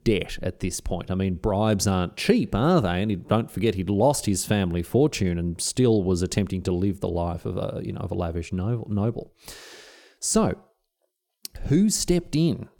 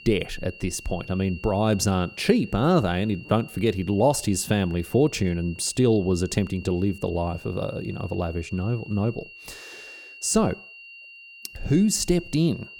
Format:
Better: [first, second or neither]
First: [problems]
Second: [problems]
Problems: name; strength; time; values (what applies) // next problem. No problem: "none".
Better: first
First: none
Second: high-pitched whine; noticeable; throughout; 3 kHz, 20 dB below the speech